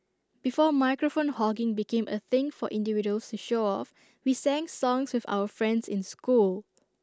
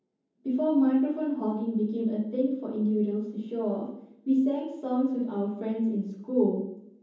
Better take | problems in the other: first | room echo; dies away in 0.9 s

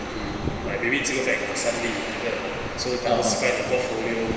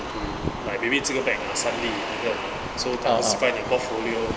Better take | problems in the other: second | room echo; dies away in 1.6 s

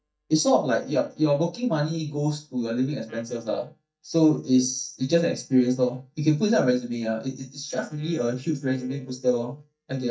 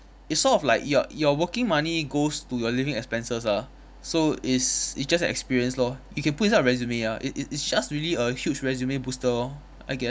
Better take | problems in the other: second | noise reduction (neural mask model DeepFilterNet 3)

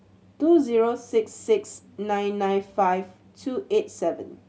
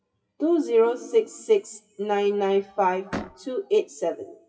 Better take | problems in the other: first | noise reduction (classical method WPE with log-MMSE)

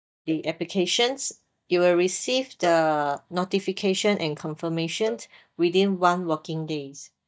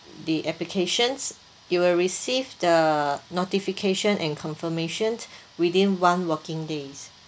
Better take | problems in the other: second | noise reduction (neural mask model DeepFilterNet 3)

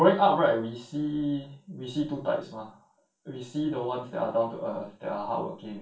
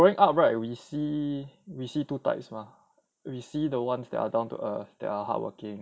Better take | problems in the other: second | room echo; dies away in 0.2 s

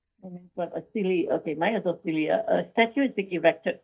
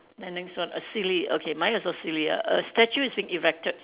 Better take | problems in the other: second | noise reduction (neural mask model DeepFilterNet 3)

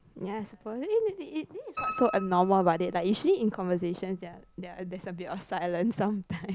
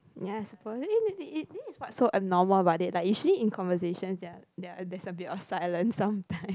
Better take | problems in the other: second | background sound (Piano); 16 dB below the speech

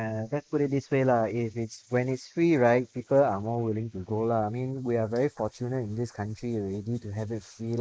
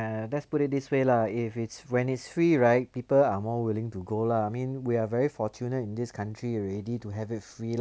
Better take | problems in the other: second | noise reduction (neural mask model Resemble Enhance denoiser)

